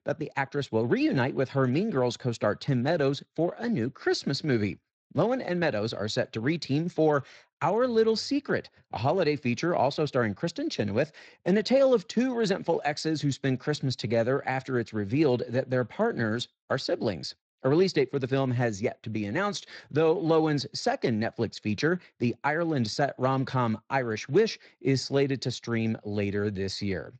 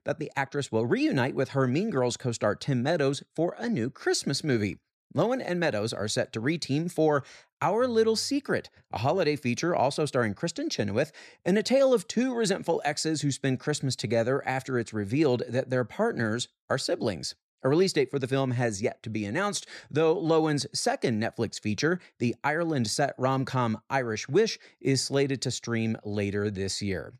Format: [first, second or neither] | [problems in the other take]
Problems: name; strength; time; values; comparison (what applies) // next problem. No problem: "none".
second | garbled, watery; slightly; nothing above 7.5 kHz